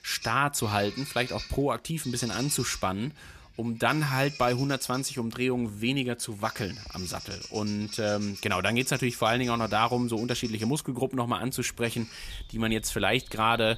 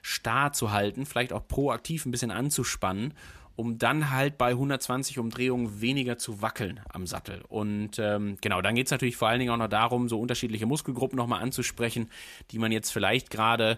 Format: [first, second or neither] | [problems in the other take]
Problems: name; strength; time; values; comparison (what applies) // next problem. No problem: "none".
second | animal sounds; noticeable; throughout; 15 dB below the speech